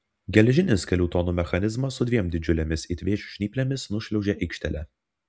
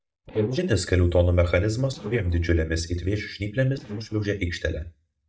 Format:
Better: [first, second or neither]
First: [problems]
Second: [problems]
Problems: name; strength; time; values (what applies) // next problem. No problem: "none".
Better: first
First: none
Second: noise reduction (neural mask model DeepFilterNet 3)